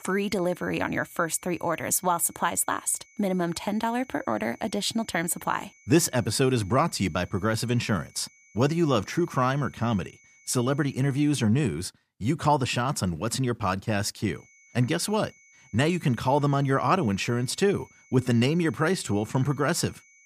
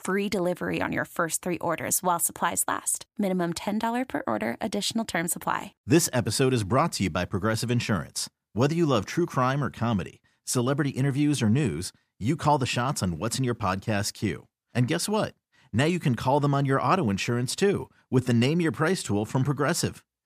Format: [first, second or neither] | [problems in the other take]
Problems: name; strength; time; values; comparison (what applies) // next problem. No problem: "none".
second | high-pitched whine; faint; until 11 s and from 14 s on; 2 kHz, 30 dB below the speech